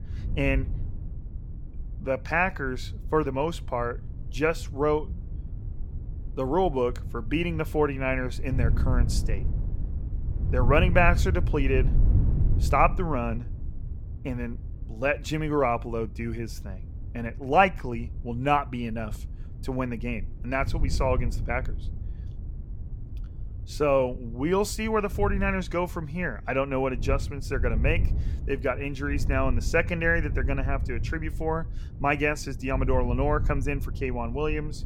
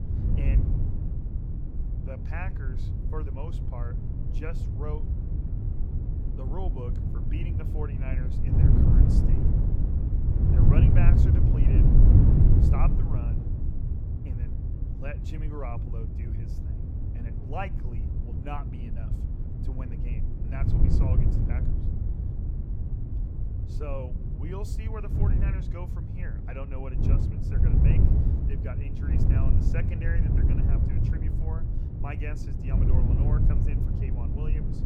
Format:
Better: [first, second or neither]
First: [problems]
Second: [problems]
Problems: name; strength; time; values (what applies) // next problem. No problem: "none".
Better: first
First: wind noise on the microphone; occasional gusts; 20 dB below the speech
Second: wind noise on the microphone; heavy; 2 dB above the speech